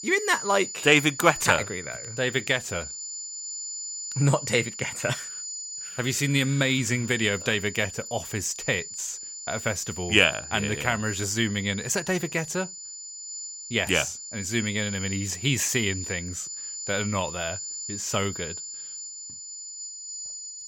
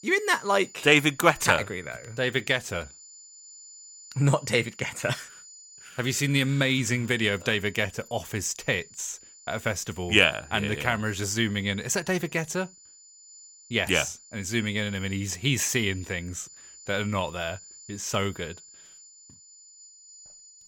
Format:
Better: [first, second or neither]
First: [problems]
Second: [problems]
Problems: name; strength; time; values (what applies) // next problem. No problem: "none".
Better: second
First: high-pitched whine; loud; throughout; 7 kHz, 9 dB below the speech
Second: high-pitched whine; faint; throughout; 7 kHz, 20 dB below the speech